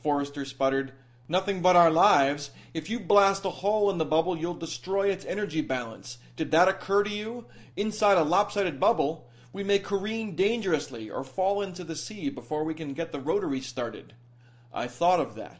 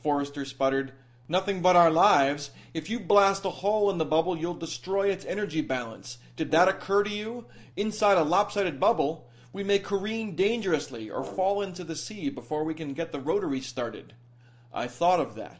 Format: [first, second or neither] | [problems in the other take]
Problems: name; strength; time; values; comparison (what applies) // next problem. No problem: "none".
first | background sound (Brass instrument); 18 dB below the speech